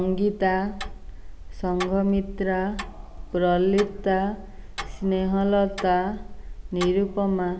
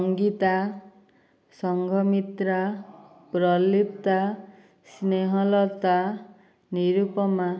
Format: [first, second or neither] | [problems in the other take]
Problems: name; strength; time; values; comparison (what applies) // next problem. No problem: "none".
second | background sound (Tick-tock); 11 dB below the speech